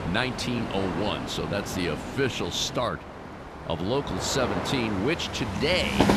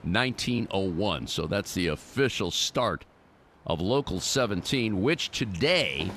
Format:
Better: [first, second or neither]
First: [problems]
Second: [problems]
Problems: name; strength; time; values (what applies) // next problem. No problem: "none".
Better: second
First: train or aircraft noise; loud; throughout; 5 dB below the speech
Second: train or aircraft noise; faint; throughout; 25 dB below the speech